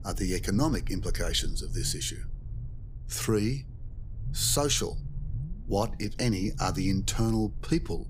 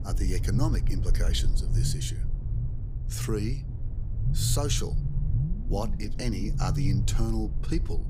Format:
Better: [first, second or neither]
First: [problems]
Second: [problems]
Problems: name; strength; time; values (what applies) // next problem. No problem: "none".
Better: first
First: low rumble; faint; throughout; 20 dB below the speech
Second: low rumble; loud; throughout; 8 dB below the speech